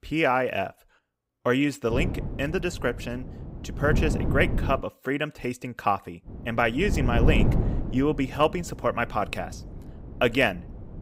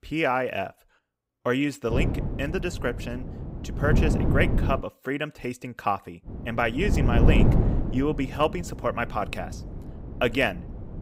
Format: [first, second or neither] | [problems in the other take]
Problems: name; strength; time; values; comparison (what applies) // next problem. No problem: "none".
first | wind noise on the microphone; heavy; from 2 to 5 s and from 6.5 s on; 7 dB below the speech; occasional gusts in the first